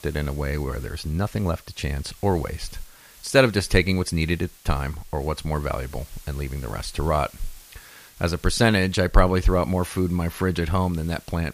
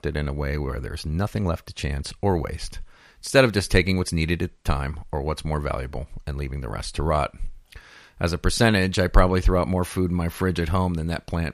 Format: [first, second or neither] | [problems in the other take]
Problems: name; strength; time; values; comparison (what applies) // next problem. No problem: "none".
second | hiss; faint; throughout; 25 dB below the speech